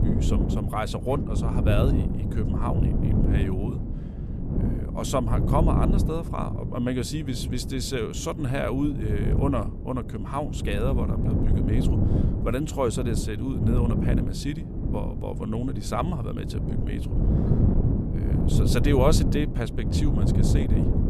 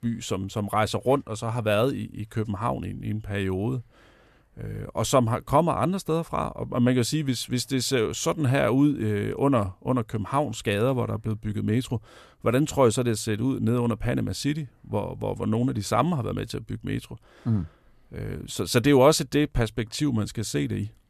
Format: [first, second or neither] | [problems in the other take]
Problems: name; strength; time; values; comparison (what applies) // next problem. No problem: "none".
second | wind noise on the microphone; heavy; 4 dB below the speech